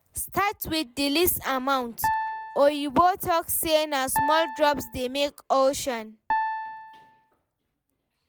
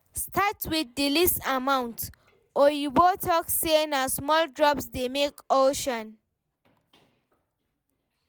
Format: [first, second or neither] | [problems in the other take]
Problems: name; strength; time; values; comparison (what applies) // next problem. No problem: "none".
second | background sound (Piano); 5 dB below the speech